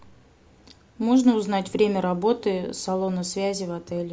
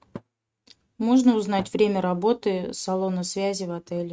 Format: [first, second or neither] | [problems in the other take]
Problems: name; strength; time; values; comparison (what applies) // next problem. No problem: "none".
first | noise reduction (neural mask model RNNoise)